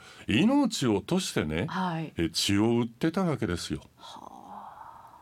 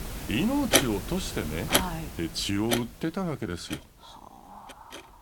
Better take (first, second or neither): first